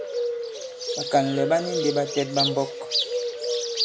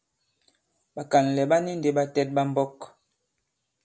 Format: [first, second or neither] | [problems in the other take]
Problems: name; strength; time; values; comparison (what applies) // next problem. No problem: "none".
second | background sound (Bird); 1 dB below the speech